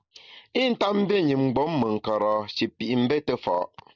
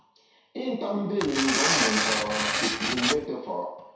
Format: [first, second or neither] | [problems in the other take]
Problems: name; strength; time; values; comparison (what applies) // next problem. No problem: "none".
first | background sound (Tearing); 3 dB above the speech // room echo; dies away in 0.7 s